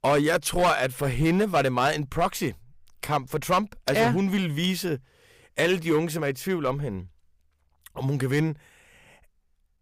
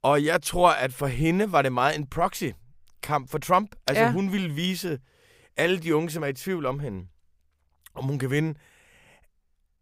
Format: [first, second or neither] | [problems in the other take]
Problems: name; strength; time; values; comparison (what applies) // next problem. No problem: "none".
second | distortion; slight; 4% of the sound clipped